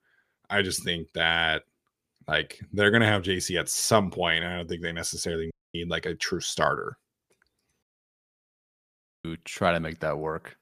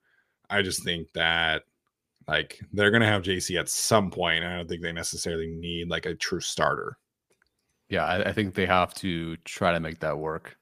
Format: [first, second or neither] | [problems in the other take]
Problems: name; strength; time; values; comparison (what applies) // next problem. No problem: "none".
second | audio cutting out; at 5.5 s and at 8 s for 1.5 s